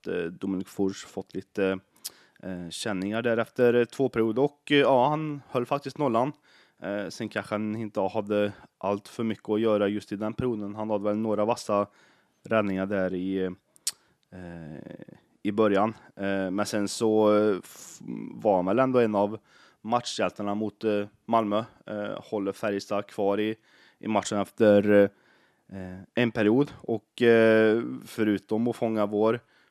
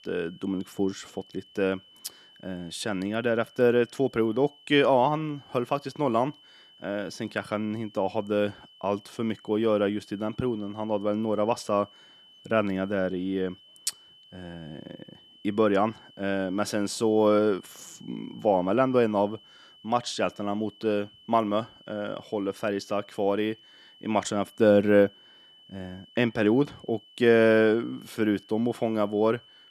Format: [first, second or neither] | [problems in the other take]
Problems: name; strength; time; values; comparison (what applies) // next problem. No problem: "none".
first | high-pitched whine; faint; throughout; 3 kHz, 25 dB below the speech